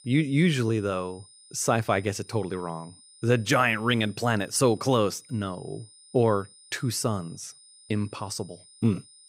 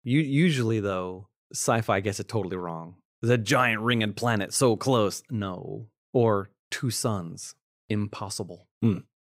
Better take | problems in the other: second | high-pitched whine; faint; throughout; 9 kHz, 25 dB below the speech

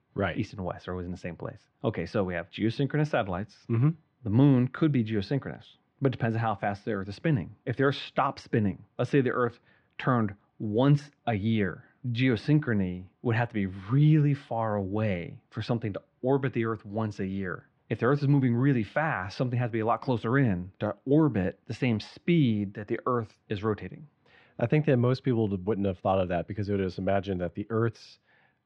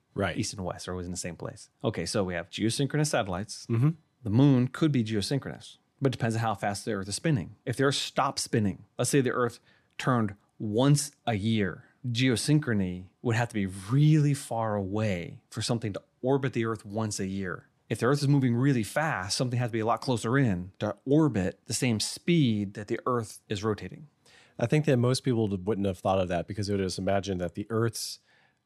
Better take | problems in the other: second | muffled; very; fading above 3 kHz

